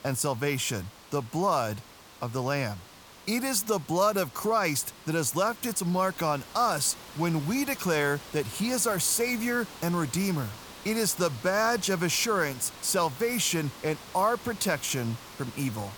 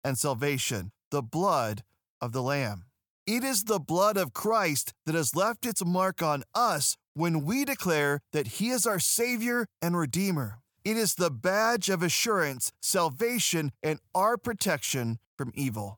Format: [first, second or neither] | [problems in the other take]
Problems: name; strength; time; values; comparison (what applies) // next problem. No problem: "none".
second | hiss; noticeable; throughout; 15 dB below the speech